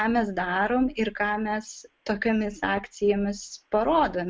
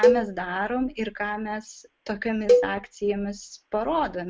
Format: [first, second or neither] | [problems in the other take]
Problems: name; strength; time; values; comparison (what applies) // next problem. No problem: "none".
first | background sound (Cowbell); 2 dB above the speech